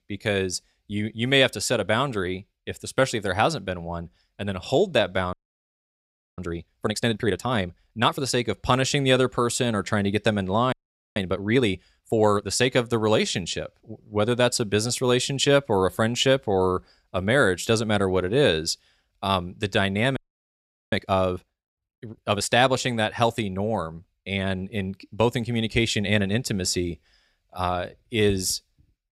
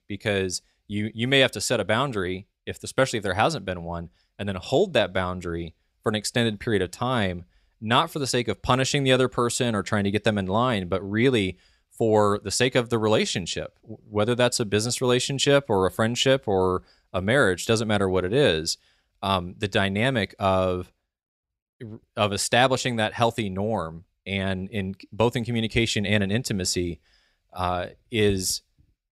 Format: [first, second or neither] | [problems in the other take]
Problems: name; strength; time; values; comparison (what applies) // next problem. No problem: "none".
second | audio freezing; at 5.5 s for 1 s, at 11 s and at 20 s for 1 s